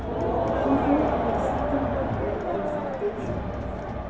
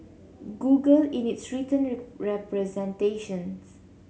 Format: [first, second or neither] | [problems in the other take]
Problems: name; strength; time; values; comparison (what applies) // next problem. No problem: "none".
second | background sound (Crowd); 5 dB above the speech // room echo; dies away in 0.3 s